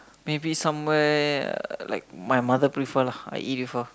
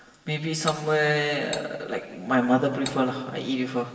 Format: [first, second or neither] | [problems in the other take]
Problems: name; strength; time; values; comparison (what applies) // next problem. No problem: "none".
first | background sound (Cutlery, silverware); 14 dB below the speech // room echo; dies away in 1.9 s